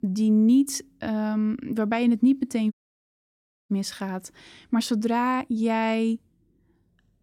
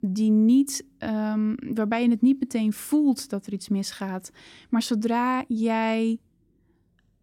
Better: second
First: audio cutting out; at 2.5 s for 1 s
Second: none

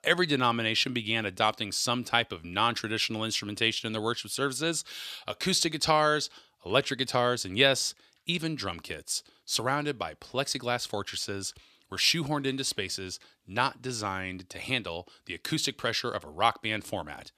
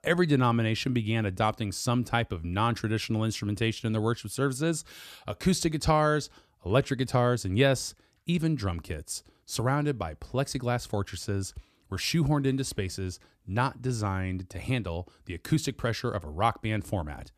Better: second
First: thin; somewhat; fading below 850 Hz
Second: none

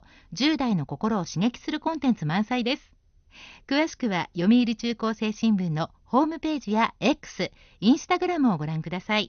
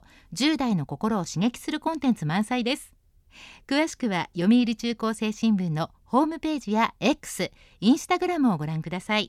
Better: second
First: garbled, watery; slightly; nothing above 6.5 kHz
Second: none

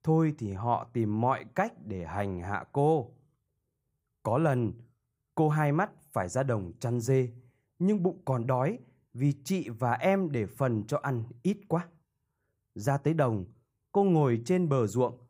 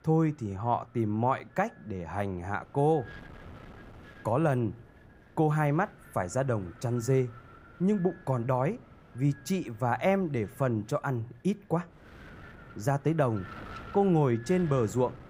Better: first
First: none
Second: wind noise on the microphone; occasional gusts; 20 dB below the speech

